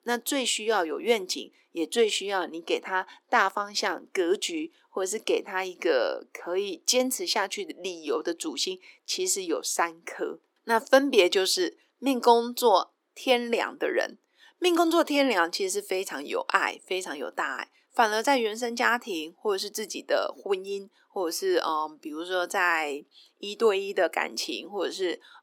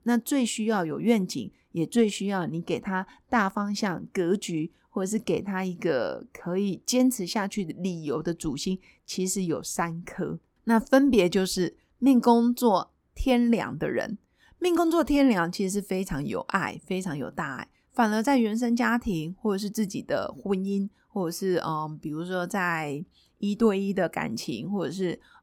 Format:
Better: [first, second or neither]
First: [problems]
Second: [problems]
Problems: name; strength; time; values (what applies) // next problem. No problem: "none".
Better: second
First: thin; somewhat; fading below 350 Hz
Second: none